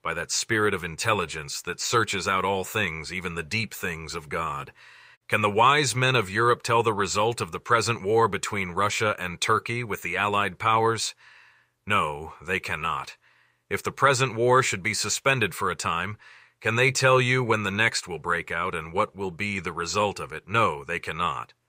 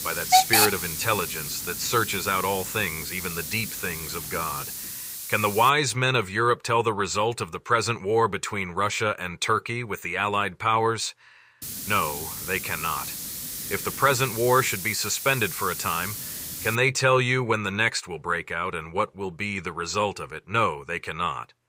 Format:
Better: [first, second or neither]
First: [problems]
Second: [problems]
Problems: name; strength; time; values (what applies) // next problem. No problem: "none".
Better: first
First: none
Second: hiss; loud; until 5.5 s and from 12 to 17 s; 3 dB below the speech